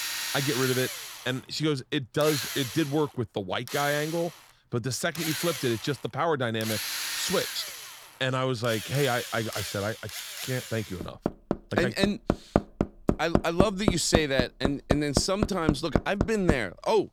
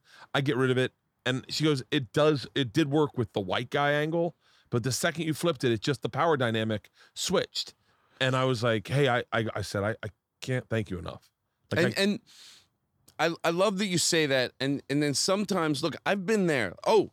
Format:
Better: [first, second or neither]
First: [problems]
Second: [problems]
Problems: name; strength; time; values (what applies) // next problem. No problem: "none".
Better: second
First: machinery noise; loud; throughout; 3 dB below the speech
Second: none